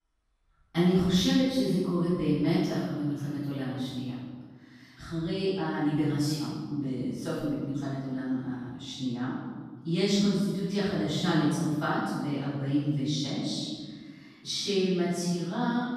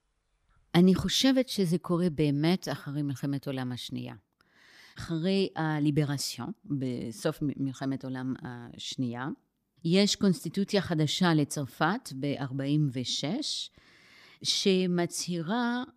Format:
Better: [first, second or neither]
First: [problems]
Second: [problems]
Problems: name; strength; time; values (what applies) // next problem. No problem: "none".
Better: second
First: room echo; strong; dies away in 1.4 s // off-mic speech; far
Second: none